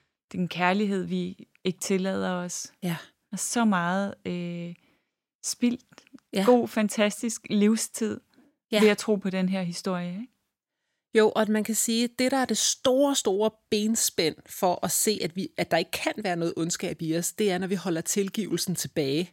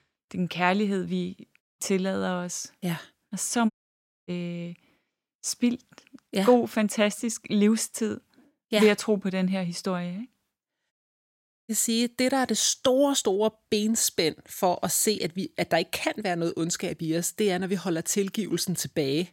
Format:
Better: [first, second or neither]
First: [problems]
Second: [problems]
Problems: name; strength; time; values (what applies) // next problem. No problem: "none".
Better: first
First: none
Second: audio cutting out; at 1.5 s, at 3.5 s for 0.5 s and at 11 s for 1 s